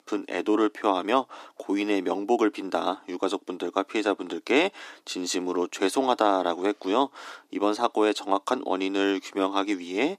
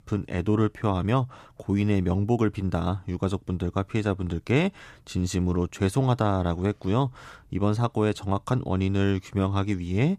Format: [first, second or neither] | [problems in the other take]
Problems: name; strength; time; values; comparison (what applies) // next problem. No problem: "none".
second | thin; somewhat; fading below 300 Hz